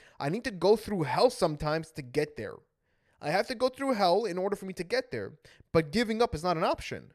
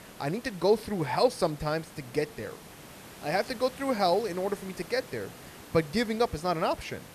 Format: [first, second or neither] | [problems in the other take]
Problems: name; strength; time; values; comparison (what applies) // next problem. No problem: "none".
first | hiss; noticeable; throughout; 15 dB below the speech